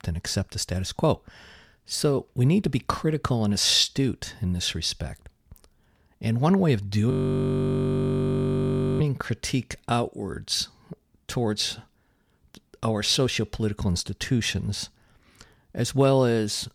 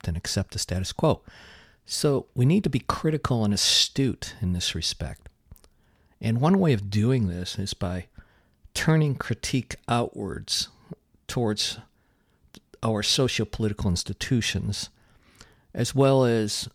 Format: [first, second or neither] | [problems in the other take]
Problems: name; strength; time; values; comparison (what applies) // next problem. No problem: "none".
second | audio freezing; at 7 s for 2 s